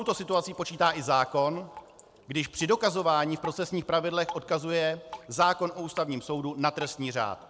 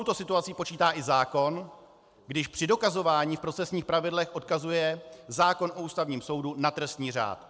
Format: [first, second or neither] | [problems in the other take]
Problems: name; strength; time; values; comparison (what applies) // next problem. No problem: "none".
second | background sound (Drip); 19 dB below the speech